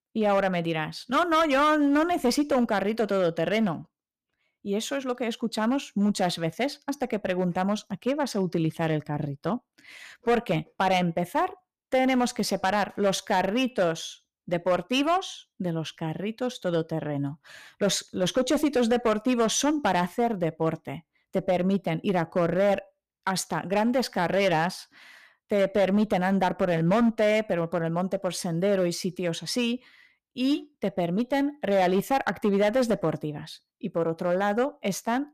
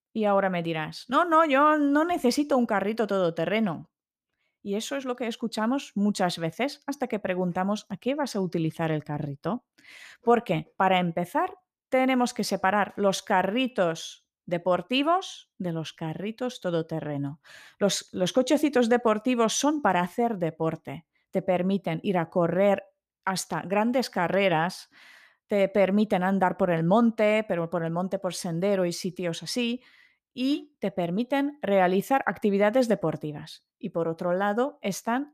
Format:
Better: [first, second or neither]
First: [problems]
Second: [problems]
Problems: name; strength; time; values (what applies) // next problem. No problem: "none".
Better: second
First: distortion; slight; 5% of the sound clipped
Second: none